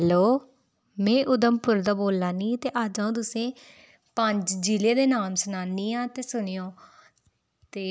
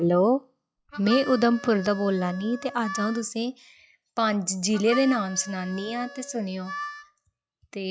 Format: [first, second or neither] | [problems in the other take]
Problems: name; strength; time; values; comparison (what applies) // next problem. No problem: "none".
first | noise reduction (classical method log-MMSE)